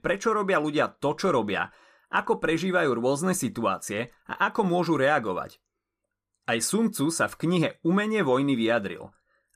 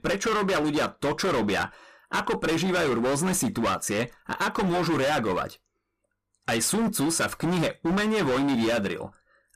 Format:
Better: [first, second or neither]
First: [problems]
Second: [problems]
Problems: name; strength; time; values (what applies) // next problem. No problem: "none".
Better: first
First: none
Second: distortion; heavy; 27% of the sound clipped